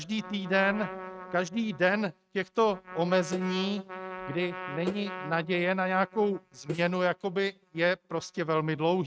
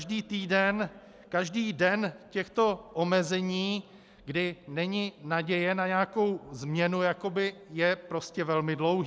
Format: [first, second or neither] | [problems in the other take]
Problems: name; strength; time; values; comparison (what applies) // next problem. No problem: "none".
second | noise reduction (neural mask model RNNoise)